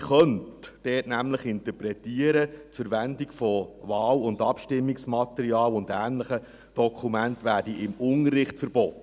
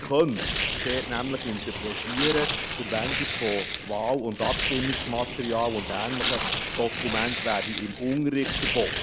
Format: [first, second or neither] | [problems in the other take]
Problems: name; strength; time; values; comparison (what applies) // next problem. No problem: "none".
first | background sound (Tearing); 2 dB below the speech